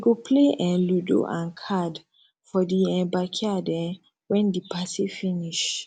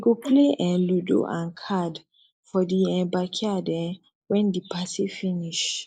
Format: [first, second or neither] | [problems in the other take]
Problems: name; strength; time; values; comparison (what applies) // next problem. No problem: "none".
first | noise reduction (neural mask model Resemble Enhance denoiser)